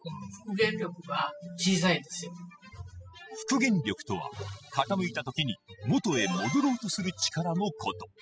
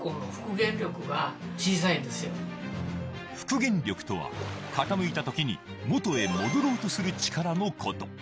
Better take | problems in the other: second | noise reduction (classical method spectral subtraction)

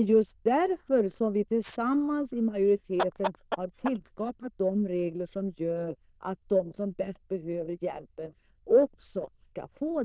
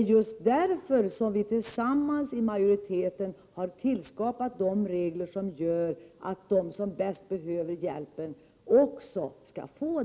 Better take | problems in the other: second | noise reduction (neural diffusion model UNIVERSE++)

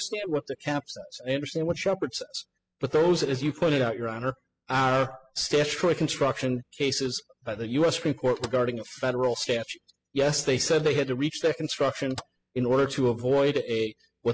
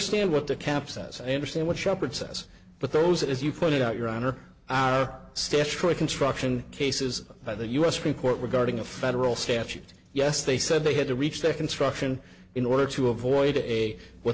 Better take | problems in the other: second | noise reduction (classical method spectral subtraction)

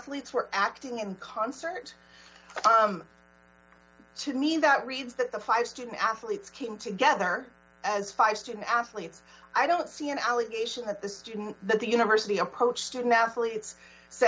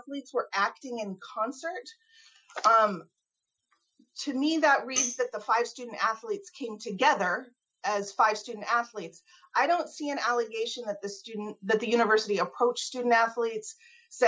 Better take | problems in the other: first | noise reduction (classical method Wiener filter)

